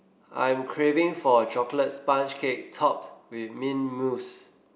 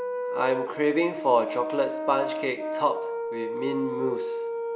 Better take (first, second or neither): first